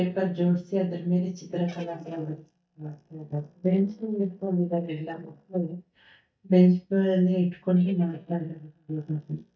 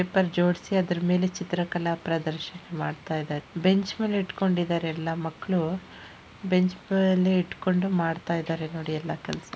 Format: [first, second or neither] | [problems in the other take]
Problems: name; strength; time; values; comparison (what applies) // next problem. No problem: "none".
second | noise reduction (neural mask model DeepFilterNet 3)